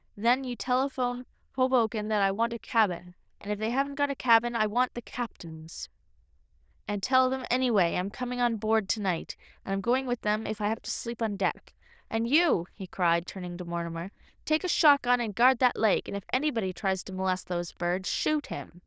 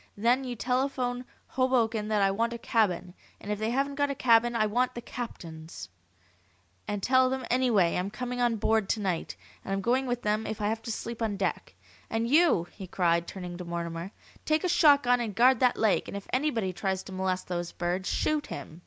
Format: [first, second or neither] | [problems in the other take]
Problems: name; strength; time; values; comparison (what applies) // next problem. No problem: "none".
second | noise reduction (neural diffusion model UNIVERSE++)